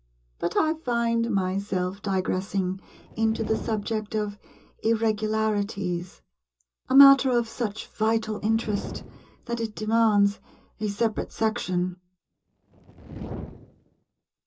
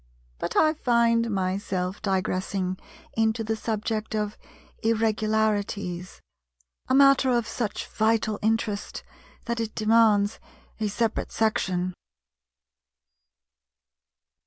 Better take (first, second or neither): second